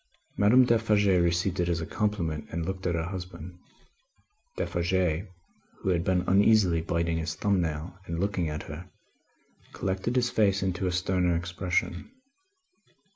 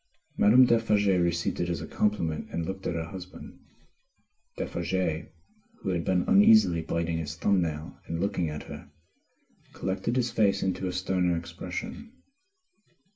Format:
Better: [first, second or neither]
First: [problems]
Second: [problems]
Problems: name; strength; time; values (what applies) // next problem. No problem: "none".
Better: first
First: none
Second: room echo; dies away in 0.2 s